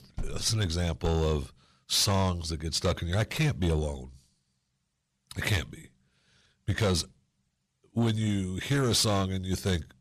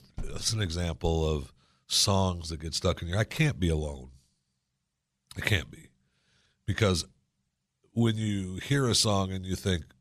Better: second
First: distortion; slight; 10 dB below the speech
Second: none

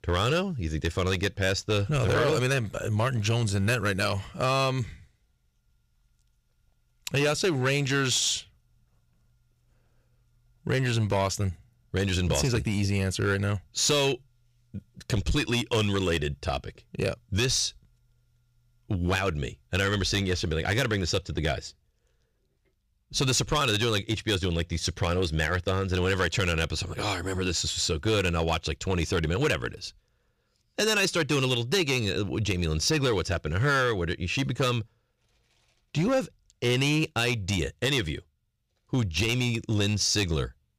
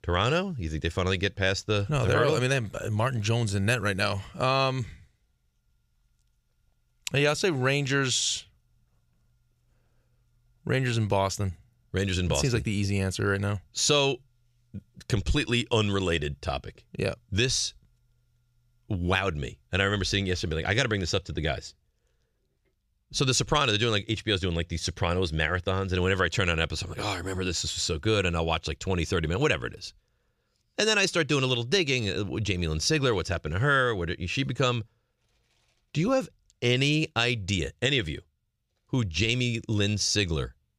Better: second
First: distortion; slight; 5% of the sound clipped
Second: none

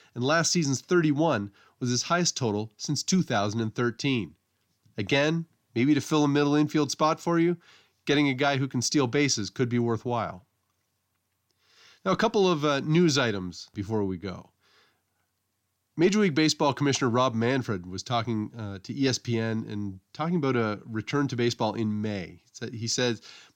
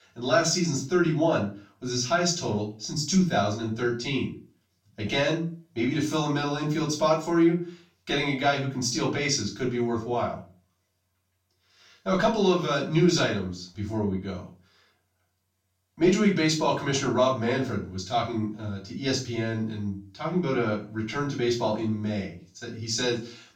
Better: first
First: none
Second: off-mic speech; far // room echo; slight; dies away in 0.3 s

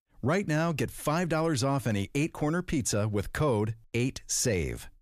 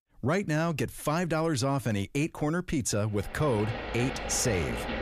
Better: first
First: none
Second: rain or running water; loud; from 3.5 s on; 7 dB below the speech

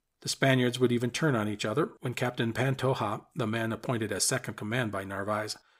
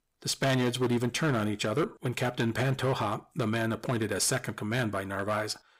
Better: first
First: none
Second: distortion; slight; 9% of the sound clipped

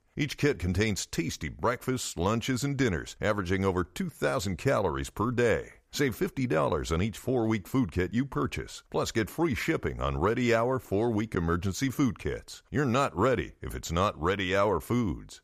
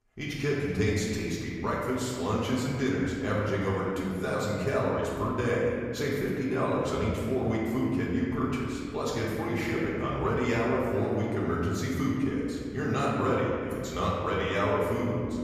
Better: first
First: none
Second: off-mic speech; far // room echo; noticeable; dies away in 2.1 s

